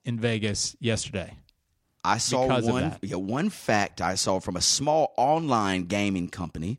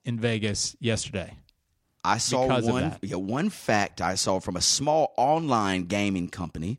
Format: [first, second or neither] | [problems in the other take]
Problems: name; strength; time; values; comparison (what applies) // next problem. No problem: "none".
neither | none